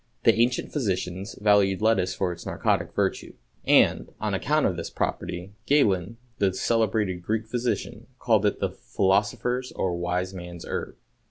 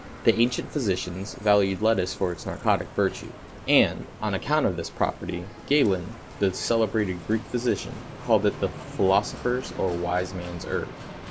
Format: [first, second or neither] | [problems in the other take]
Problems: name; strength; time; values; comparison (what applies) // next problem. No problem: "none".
first | background sound (Bicycle); 14 dB below the speech